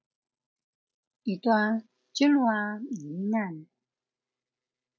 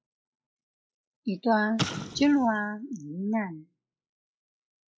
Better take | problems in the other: first | noise reduction (classical method log-MMSE)

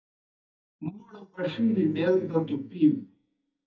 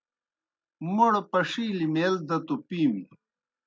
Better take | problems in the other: second | noise reduction (neural mask model DeepFilterNet 3)

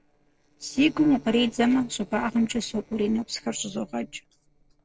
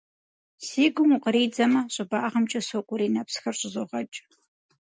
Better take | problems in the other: second | noise reduction (neural separator model SepFormer DNS4)

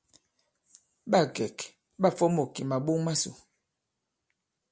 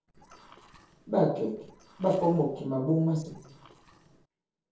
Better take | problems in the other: first | noise reduction (neural separator model SepFormer DNS4)

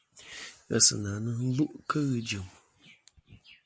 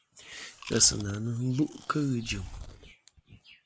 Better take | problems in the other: first | background sound (Chewing, mastication); 13 dB below the speech

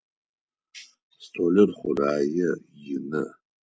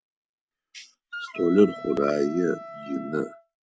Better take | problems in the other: first | background sound (Wind instrument, woodwind instrument); 14 dB below the speech

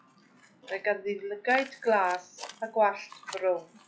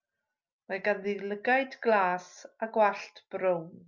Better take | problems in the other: second | noise reduction (classical method log-MMSE)

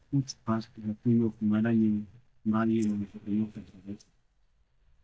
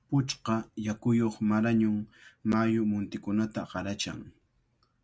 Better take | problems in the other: second | noise reduction (neural mask model DeepFilterNet 3)

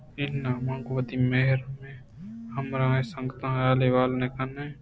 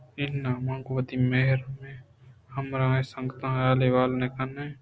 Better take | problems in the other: second | background sound (Telephone); 17 dB below the speech

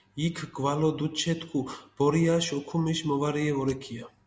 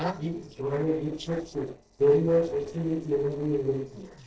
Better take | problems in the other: first | noise reduction (neural separator model SepFormer DNS4)

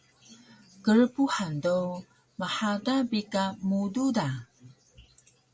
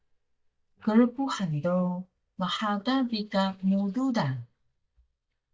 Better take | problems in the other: first | noise reduction (neural mask model DeepFilterNet 3)

